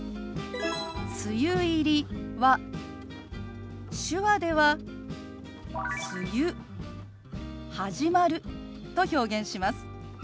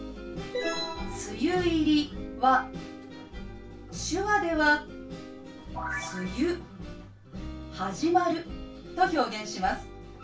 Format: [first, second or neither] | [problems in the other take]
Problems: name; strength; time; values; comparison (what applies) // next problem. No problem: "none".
first | room echo; dies away in 0.2 s